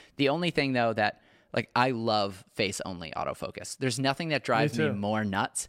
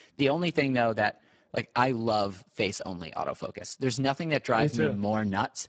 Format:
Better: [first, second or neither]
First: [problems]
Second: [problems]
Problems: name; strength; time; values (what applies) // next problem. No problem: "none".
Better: first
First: none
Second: garbled, watery; badly; nothing above 8 kHz